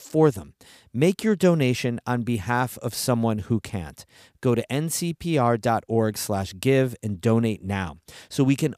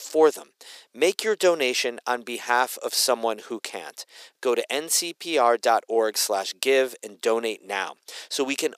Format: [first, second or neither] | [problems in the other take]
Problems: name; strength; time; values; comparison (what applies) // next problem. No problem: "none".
first | thin; very; fading below 400 Hz